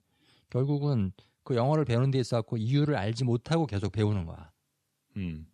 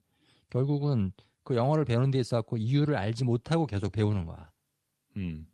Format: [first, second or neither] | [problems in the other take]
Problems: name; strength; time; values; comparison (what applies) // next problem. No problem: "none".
first | garbled, watery; slightly